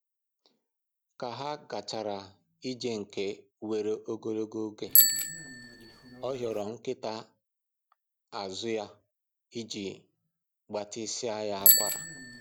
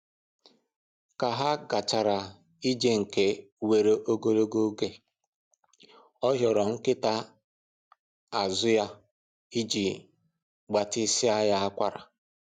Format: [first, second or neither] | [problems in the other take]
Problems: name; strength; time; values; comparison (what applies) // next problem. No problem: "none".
second | background sound (Bicycle bell); 4 dB above the speech